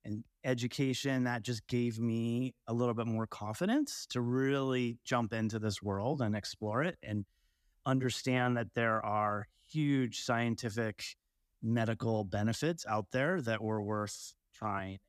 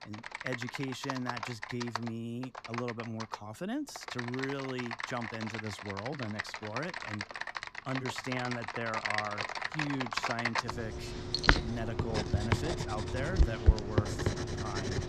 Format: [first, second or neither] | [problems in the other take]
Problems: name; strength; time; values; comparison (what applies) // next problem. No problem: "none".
first | household noises; very loud; throughout; 4 dB above the speech